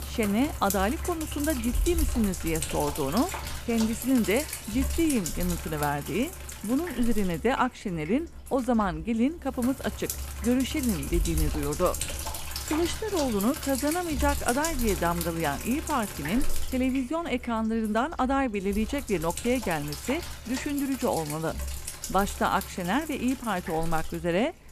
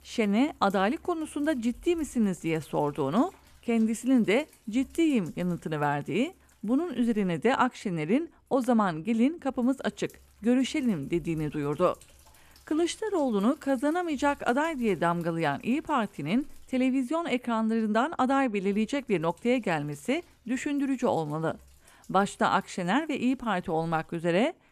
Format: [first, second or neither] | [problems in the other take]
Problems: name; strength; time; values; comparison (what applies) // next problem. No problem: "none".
second | household noises; loud; throughout; 6 dB below the speech; faint in the second